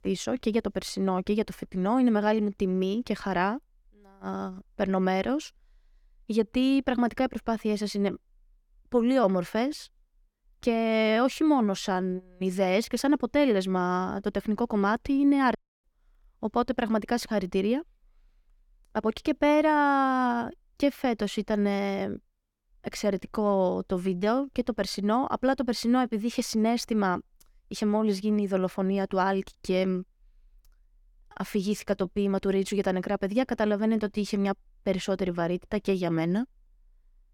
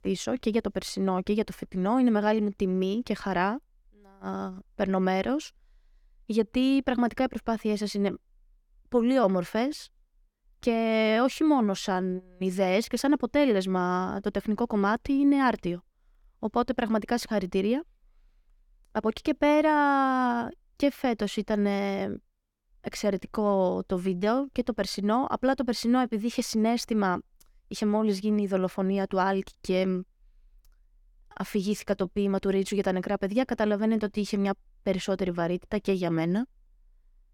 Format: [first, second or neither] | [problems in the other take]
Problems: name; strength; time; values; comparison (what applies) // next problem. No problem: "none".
second | audio cutting out; at 16 s